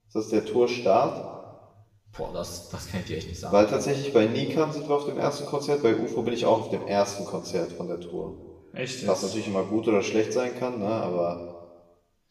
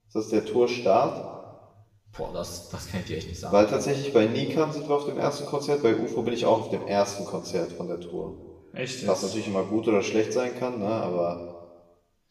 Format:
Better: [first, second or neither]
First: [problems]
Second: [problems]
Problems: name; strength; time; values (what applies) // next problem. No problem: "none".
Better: neither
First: room echo; noticeable; dies away in 1 s // off-mic speech; far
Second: room echo; noticeable; dies away in 1 s // off-mic speech; far